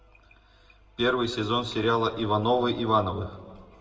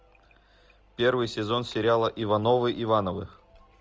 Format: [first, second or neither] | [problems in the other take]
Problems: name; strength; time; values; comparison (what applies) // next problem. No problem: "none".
second | room echo; dies away in 1.2 s